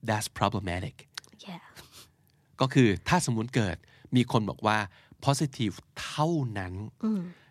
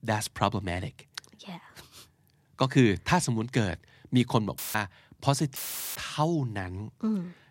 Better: first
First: none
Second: audio cutting out; filled with static; at 4.5 s and at 5.5 s

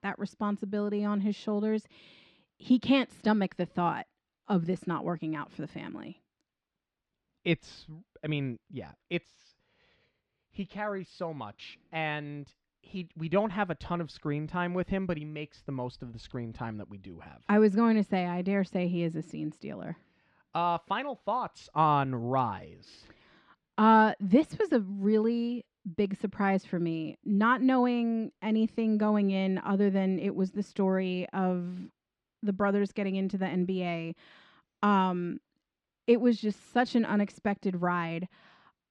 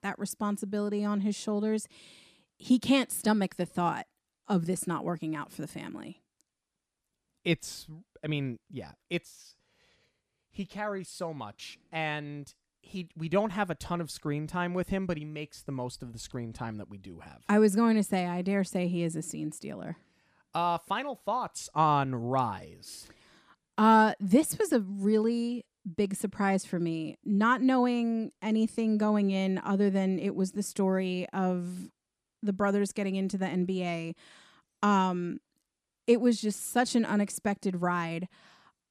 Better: second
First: muffled; slightly; fading above 4 kHz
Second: none

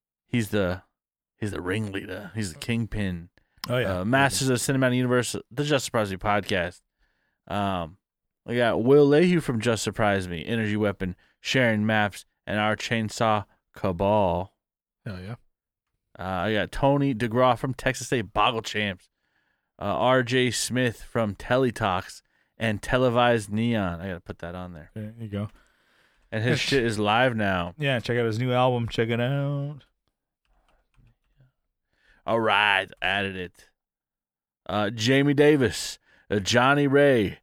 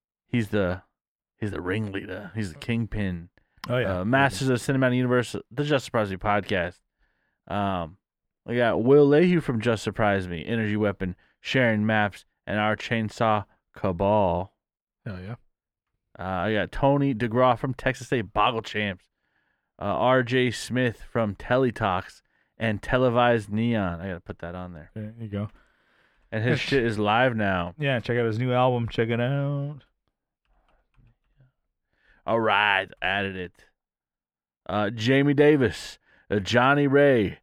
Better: first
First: none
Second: muffled; very slightly; fading above 4 kHz

